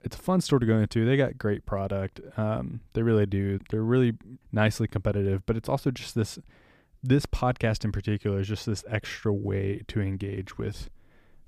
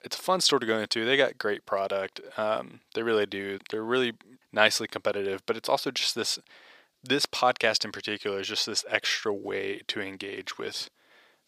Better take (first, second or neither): first